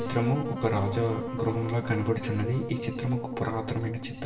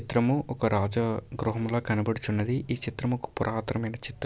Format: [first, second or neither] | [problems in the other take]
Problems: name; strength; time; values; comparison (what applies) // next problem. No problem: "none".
second | background sound (Wind instrument, woodwind instrument); 6 dB below the speech // room echo; dies away in 1 s